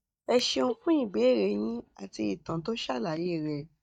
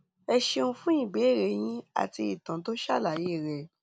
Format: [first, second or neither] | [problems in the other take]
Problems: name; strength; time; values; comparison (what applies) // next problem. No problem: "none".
second | noise reduction (neural mask model DeepFilterNet 3)